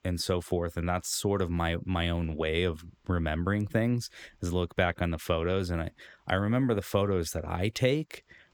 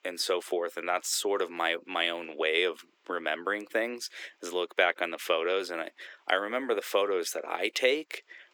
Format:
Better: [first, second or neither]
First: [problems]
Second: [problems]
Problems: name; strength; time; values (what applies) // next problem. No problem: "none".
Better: first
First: none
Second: thin; very; fading below 350 Hz